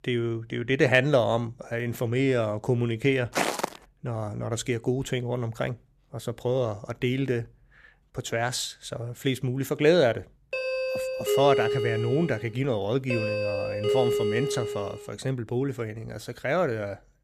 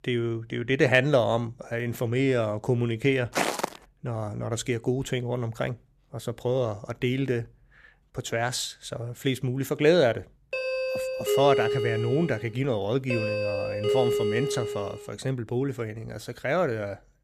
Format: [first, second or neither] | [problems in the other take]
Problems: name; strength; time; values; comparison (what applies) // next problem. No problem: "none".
neither | footsteps; loud; at 3.5 s; peak level with the speech; the same in both // doorbell; loud; from 11 to 15 s; peak 3 dB above the speech; the same in both